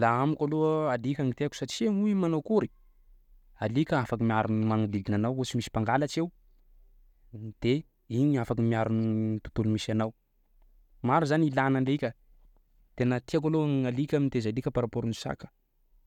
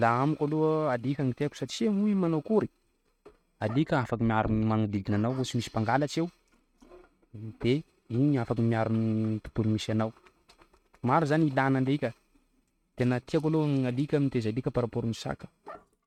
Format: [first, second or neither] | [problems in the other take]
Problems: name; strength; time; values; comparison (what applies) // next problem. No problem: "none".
first | noise reduction (neural mask model RNNoise)